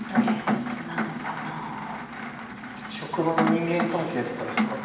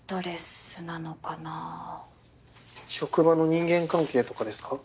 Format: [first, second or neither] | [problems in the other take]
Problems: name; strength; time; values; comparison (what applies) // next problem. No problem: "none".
second | background sound (Rain); 2 dB above the speech // room echo; dies away in 1.7 s